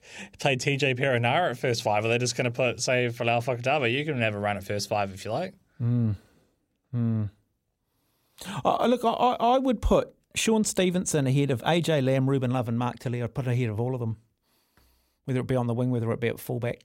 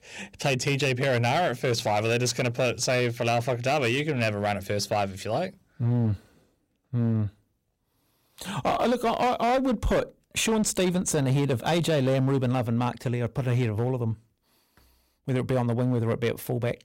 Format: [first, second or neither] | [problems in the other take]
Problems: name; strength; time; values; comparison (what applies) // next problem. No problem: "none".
first | distortion; slight; 11% of the sound clipped